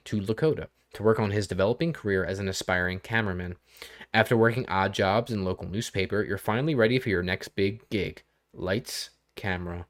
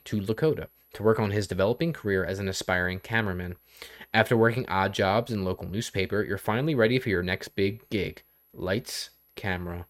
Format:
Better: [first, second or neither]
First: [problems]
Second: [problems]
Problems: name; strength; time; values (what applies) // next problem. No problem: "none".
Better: first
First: none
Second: high-pitched whine; faint; throughout; 12 kHz, 35 dB below the speech